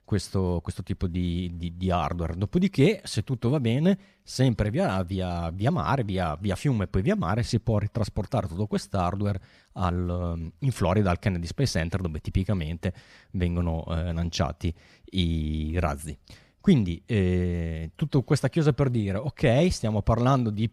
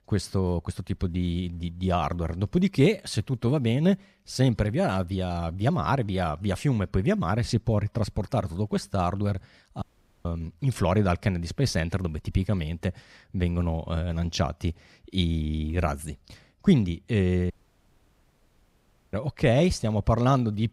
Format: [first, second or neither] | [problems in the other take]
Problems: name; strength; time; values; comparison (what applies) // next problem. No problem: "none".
first | audio cutting out; at 10 s and at 18 s for 1.5 s